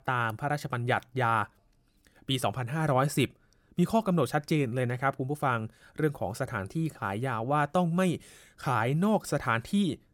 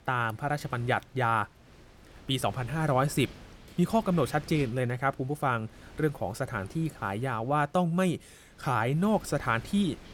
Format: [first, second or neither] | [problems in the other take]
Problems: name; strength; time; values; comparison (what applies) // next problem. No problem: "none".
first | wind noise on the microphone; occasional gusts; 25 dB below the speech